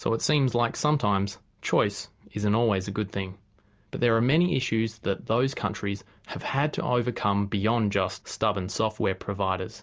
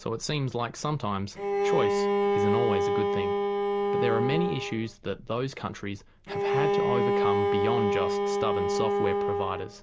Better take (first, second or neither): first